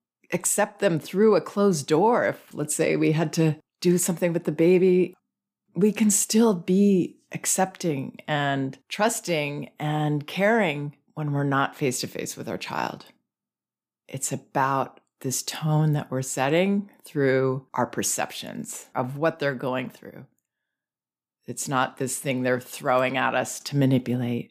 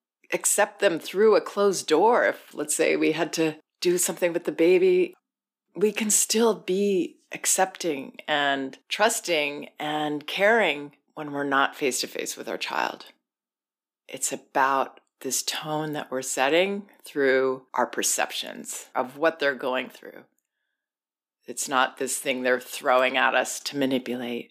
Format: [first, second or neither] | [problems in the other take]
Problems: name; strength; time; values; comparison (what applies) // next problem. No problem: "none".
first | thin; somewhat; fading below 300 Hz